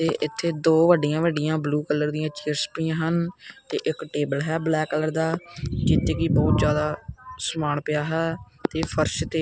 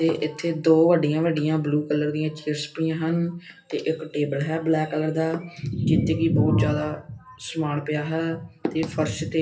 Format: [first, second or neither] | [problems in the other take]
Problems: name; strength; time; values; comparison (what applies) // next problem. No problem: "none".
first | room echo; dies away in 0.3 s